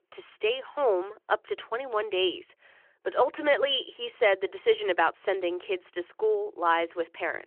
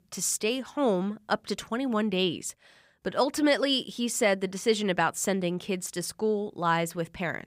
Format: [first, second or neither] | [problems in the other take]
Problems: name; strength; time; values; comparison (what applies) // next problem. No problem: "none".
second | phone-call audio; nothing above 3.5 kHz